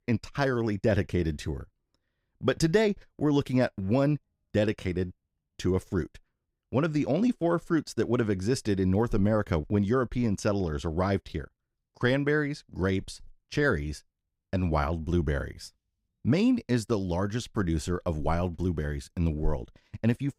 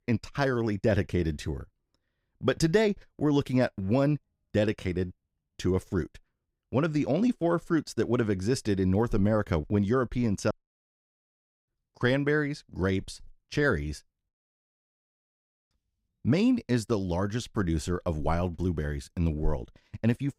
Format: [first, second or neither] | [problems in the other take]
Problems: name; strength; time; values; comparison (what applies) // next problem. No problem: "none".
first | audio cutting out; at 11 s for 1 s and at 14 s for 1.5 s